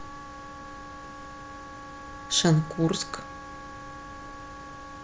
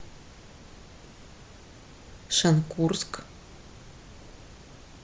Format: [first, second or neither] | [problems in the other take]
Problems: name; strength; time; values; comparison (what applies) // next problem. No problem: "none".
second | background sound (Wind instrument, woodwind instrument); 11 dB below the speech